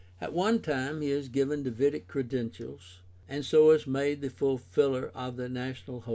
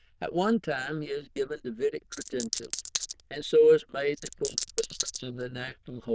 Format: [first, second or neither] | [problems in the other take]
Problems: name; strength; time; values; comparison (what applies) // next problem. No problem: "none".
first | noise reduction (neural diffusion model UNIVERSE++)